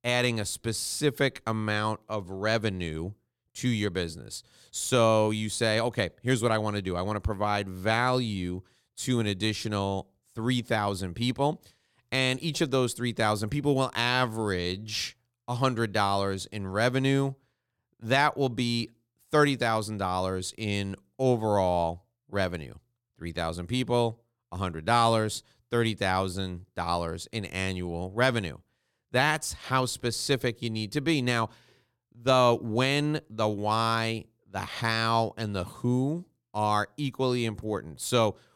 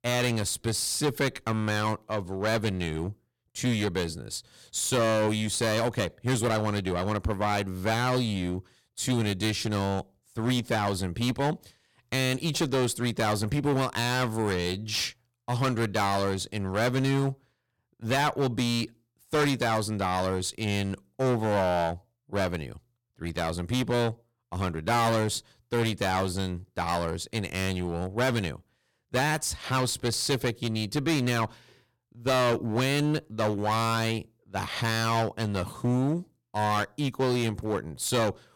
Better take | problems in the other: first | distortion; heavy; 12% of the sound clipped

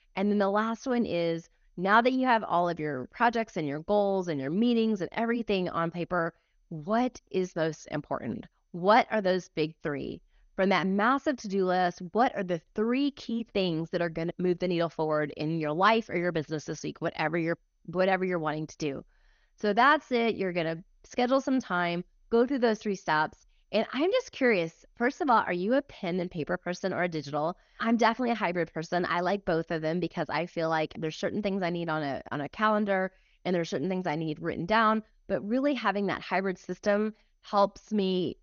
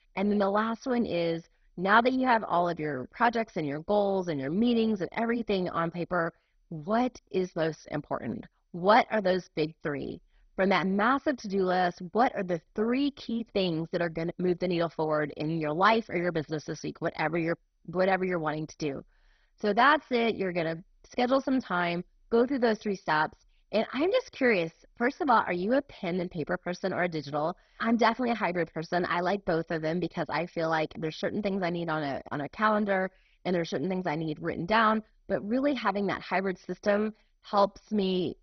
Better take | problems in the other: first | garbled, watery; badly; nothing above 6 kHz; slightly in the first

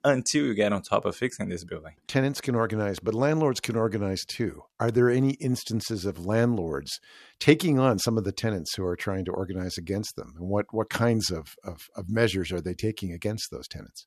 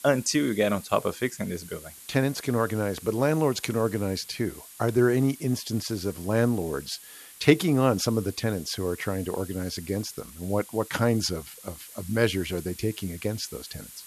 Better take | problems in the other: first | hiss; noticeable; throughout; 15 dB below the speech

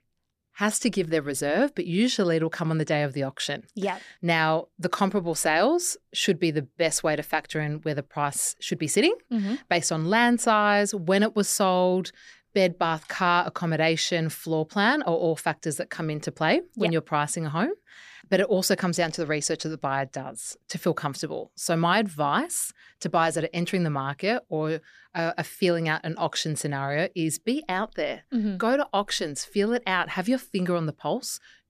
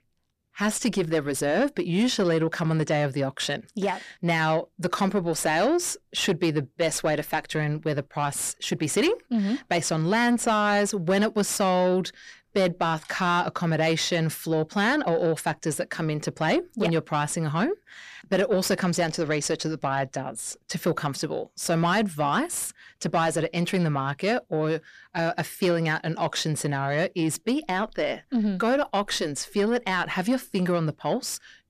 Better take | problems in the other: first | distortion; slight; 10 dB below the speech

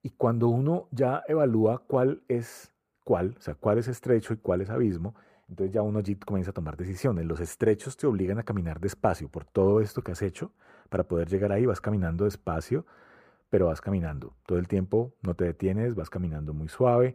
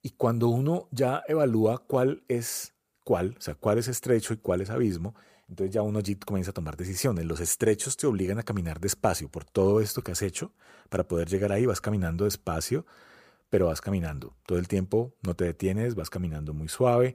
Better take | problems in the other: second | muffled; slightly; fading above 3 kHz

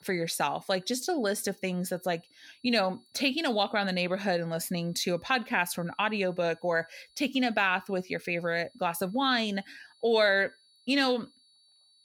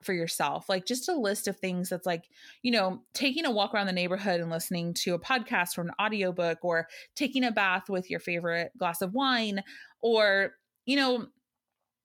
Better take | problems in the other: second | high-pitched whine; faint; throughout; 4.5 kHz, 30 dB below the speech

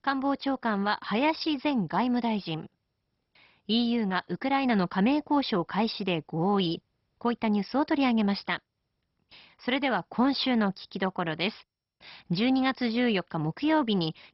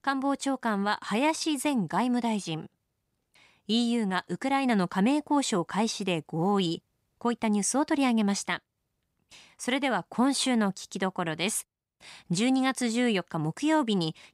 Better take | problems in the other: second | garbled, watery; badly; nothing above 5.5 kHz

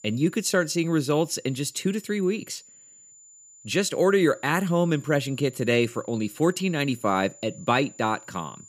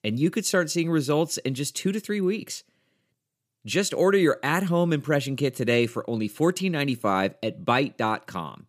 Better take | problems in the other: second | high-pitched whine; faint; throughout; 7 kHz, 25 dB below the speech

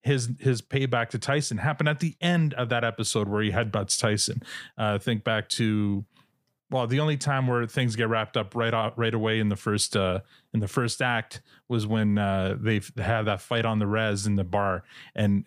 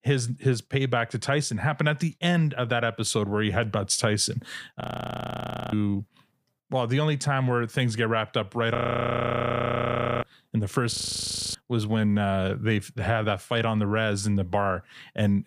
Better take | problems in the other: first | audio freezing; at 5 s for 1 s, at 9 s for 1.5 s and at 11 s for 0.5 s

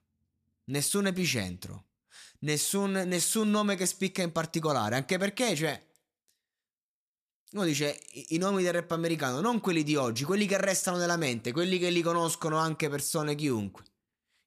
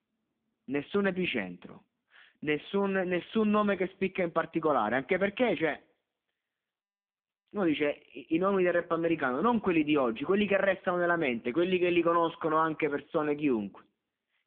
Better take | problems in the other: first | phone-call audio; poor line

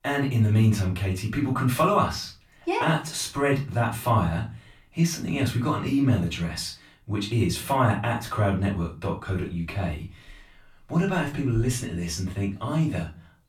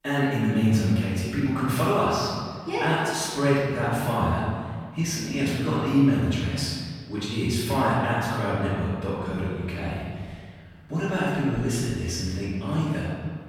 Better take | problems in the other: first | room echo; strong; dies away in 1.7 s; slight in the first // off-mic speech; far; far in the first

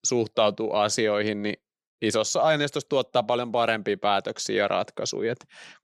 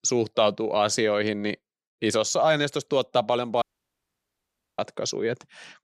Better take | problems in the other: first | audio cutting out; at 3.5 s for 1 s

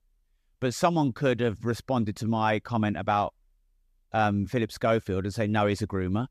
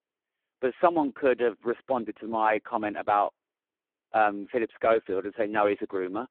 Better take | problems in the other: first | phone-call audio; poor line; nothing above 3.5 kHz

